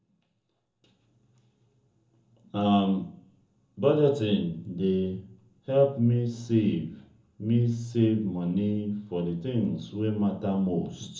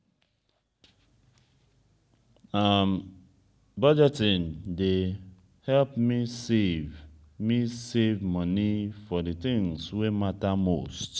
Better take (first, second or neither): second